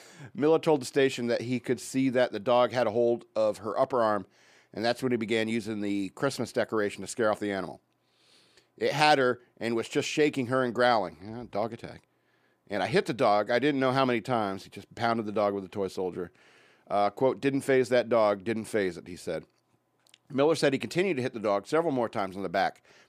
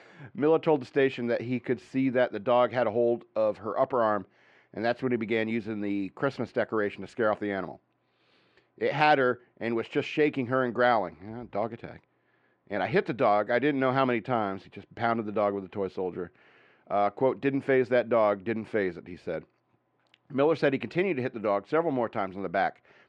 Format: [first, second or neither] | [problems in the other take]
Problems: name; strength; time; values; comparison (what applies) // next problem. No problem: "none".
first | muffled; slightly; fading above 2.5 kHz